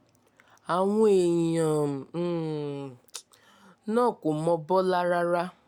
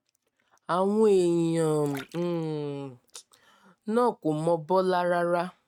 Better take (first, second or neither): first